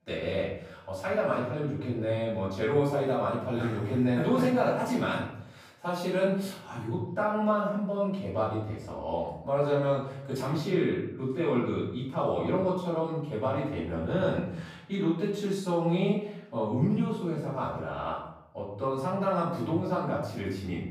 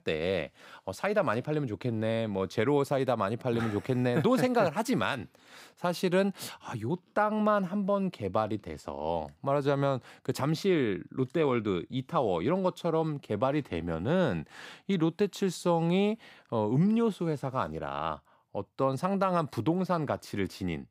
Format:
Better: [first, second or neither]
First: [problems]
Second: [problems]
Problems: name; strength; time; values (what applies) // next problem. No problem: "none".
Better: second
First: off-mic speech; far // room echo; noticeable; dies away in 0.6 s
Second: none